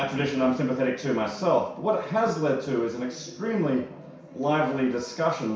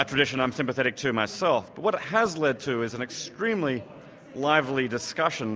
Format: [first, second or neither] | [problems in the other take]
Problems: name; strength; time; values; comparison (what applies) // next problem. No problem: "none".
second | room echo; dies away in 0.6 s